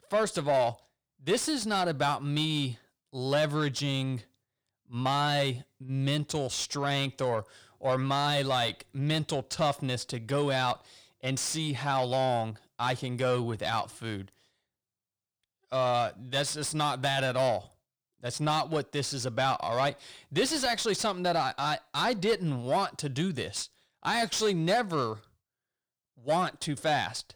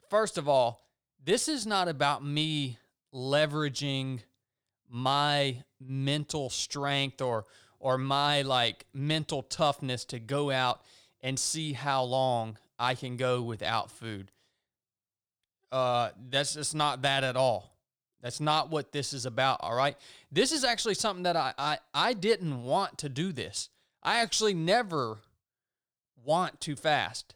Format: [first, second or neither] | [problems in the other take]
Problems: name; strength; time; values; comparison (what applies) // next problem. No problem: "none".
second | distortion; slight; 10 dB below the speech